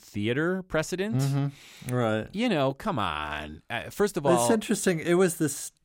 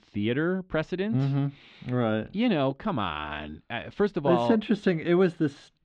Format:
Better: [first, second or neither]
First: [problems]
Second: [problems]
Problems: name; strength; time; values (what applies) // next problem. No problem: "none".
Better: first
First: none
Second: muffled; slightly; fading above 3.5 kHz